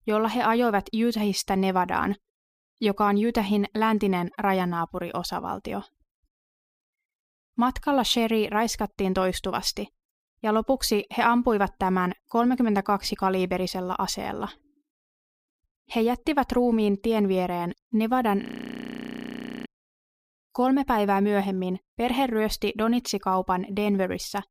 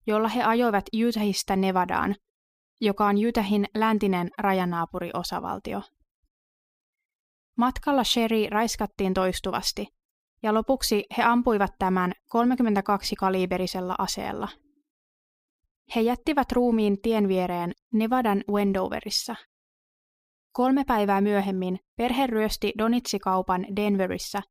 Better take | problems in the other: second | audio freezing; at 18 s for 1 s

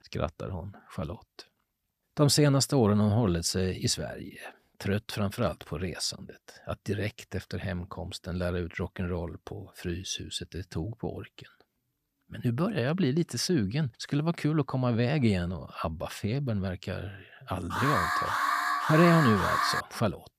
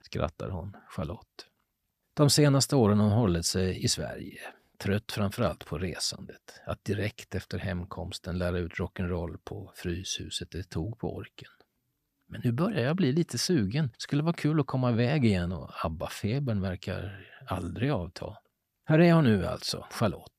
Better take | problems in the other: second | alarm; loud; from 18 to 20 s; peak 3 dB above the speech

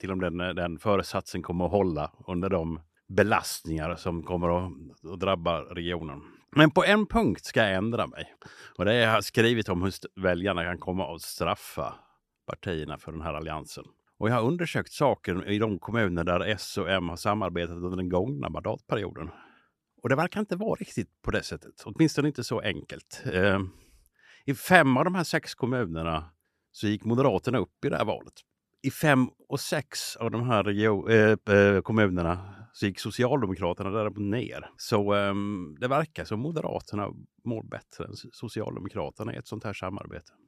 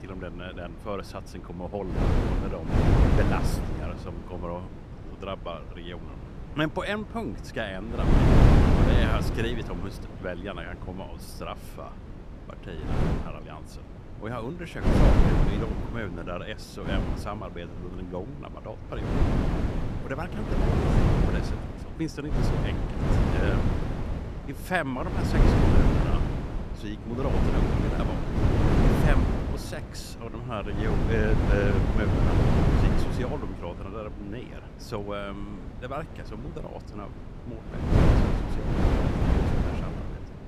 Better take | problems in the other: first | wind noise on the microphone; heavy; 4 dB above the speech

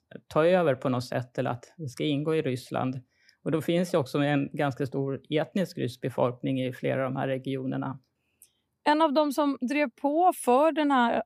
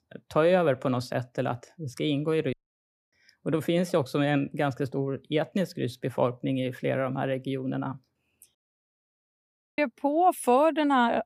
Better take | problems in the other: first | audio cutting out; at 2.5 s for 0.5 s and at 8.5 s for 1 s

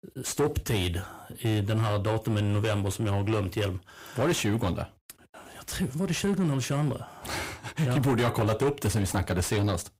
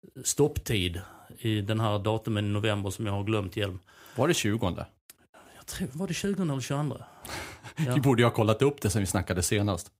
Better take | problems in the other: second | distortion; heavy; 7 dB below the speech

